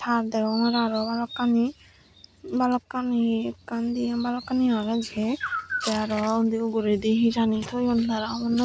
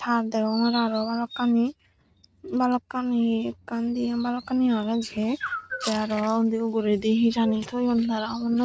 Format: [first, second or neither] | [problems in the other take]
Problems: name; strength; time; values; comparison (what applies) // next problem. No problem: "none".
first | noise reduction (neural mask model RNNoise)